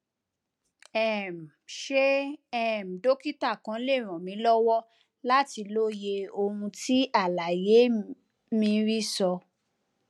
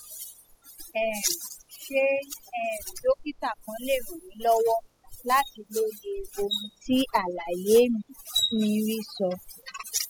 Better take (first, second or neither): first